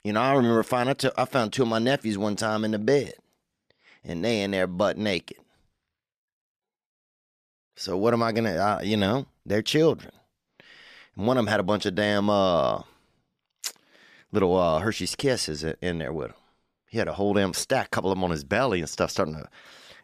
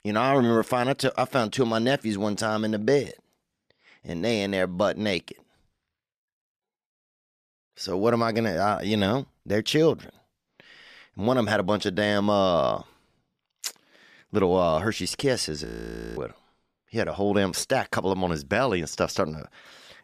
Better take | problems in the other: first | audio freezing; at 16 s for 0.5 s

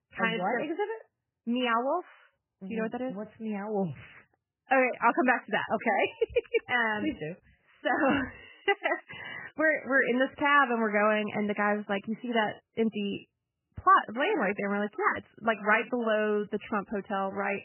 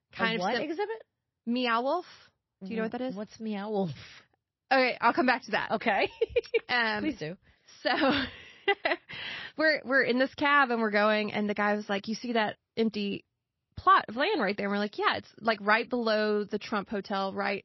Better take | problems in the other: second | garbled, watery; badly; nothing above 3 kHz; slightly in the second

